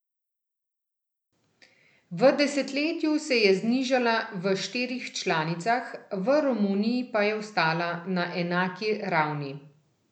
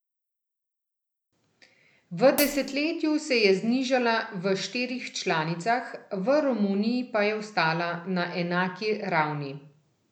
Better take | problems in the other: first | background sound (Hi-hat); 7 dB below the speech

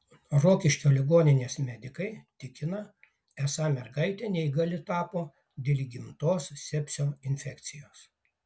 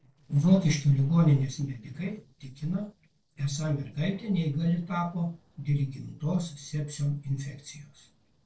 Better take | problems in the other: first | noise reduction (neural separator model SepFormer DNS4)

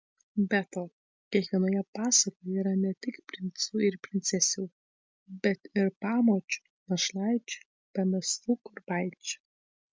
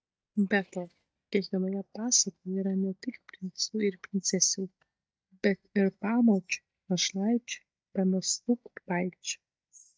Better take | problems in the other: first | noise reduction (neural mask model DeepFilterNet 3)

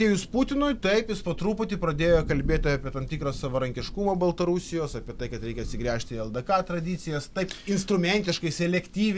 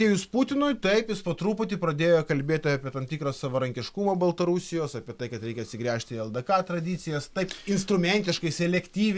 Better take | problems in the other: second | background sound (Thunder); 10 dB below the speech

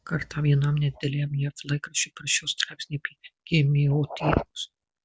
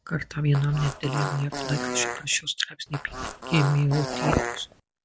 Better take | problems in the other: first | background sound (Fart); 6 dB below the speech

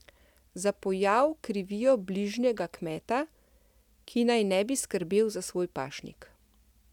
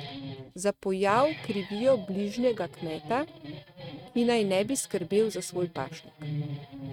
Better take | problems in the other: first | noise reduction (neural mask model RNNoise)

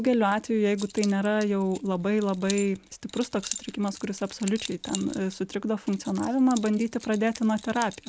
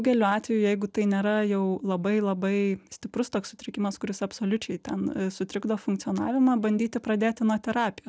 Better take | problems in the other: second | background sound (Keys jangling); 16 dB below the speech

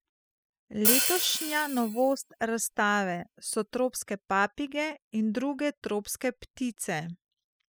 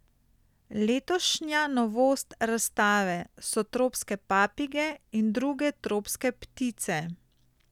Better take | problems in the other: second | noise reduction (classical method spectral subtraction)

